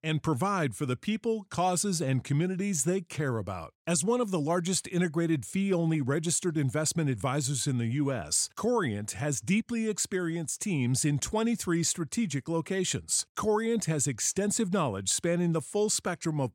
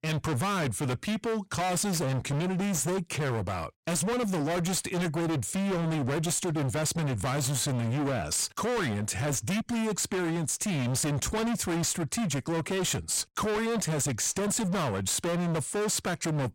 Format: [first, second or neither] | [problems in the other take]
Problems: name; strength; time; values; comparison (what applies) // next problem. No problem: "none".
first | distortion; heavy; 46% of the sound clipped